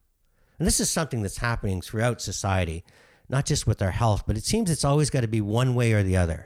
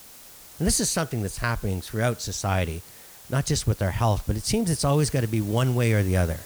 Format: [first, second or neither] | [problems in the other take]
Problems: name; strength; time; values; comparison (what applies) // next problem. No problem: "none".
first | hiss; noticeable; throughout; 20 dB below the speech